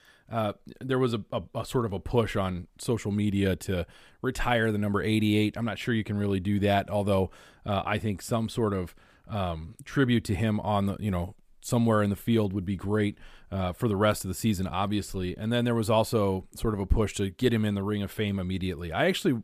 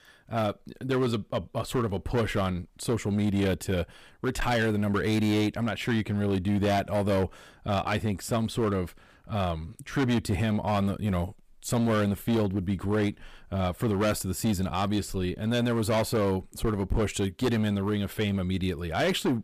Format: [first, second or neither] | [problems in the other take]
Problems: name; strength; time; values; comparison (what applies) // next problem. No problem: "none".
first | distortion; slight; 12% of the sound clipped